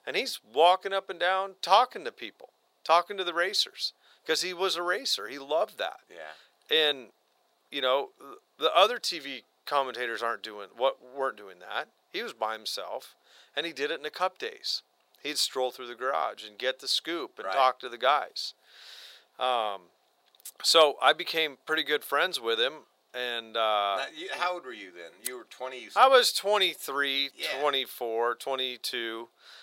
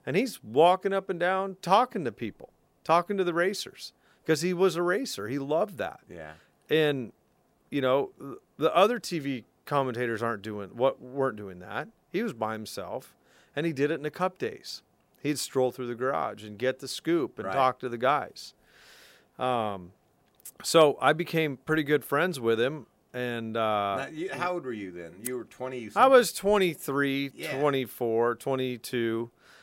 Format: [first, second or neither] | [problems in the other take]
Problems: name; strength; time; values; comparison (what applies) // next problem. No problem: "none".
second | thin; very; fading below 650 Hz